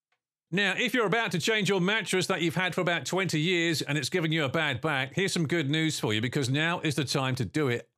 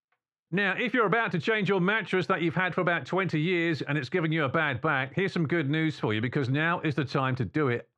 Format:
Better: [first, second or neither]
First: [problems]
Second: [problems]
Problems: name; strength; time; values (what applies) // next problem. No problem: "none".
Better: first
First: none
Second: muffled; very; fading above 2.5 kHz